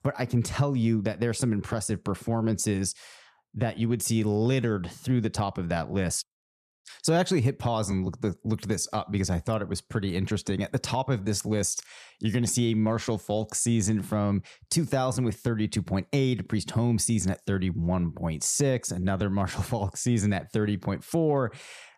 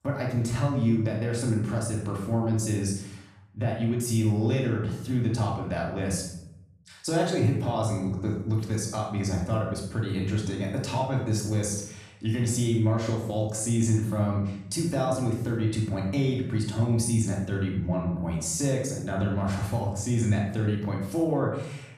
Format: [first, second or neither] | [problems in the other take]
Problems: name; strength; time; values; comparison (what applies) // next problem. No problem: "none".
first | off-mic speech; far // room echo; noticeable; dies away in 0.7 s